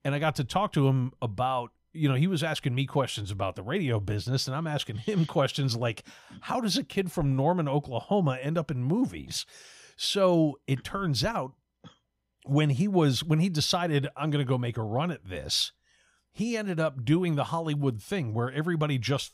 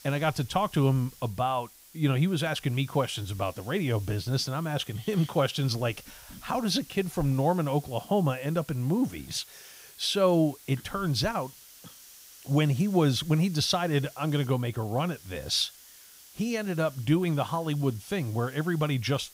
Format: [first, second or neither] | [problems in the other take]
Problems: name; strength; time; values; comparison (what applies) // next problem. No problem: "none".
first | hiss; faint; throughout; 20 dB below the speech